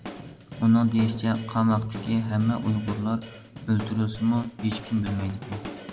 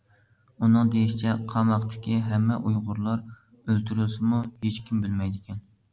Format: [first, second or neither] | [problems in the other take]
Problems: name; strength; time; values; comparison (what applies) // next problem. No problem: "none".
second | background sound (Drum / Drum kit); 14 dB below the speech // room echo; dies away in 0.3 s